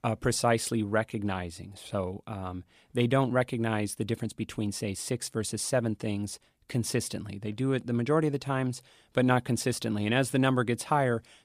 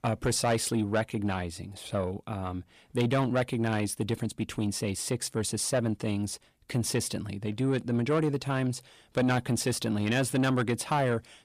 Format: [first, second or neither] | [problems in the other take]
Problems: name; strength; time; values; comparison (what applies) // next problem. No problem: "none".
first | distortion; slight; 10 dB below the speech